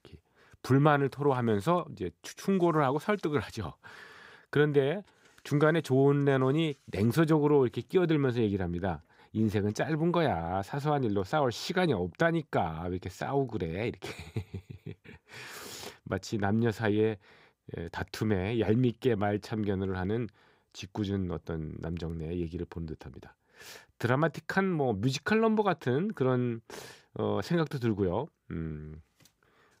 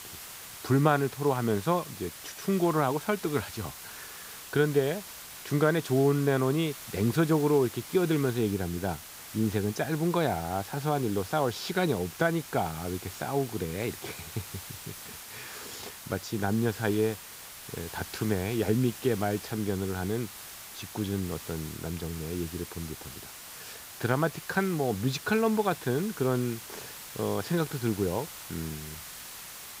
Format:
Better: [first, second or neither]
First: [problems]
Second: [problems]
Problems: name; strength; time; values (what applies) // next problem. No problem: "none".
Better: first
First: none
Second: hiss; noticeable; throughout; 10 dB below the speech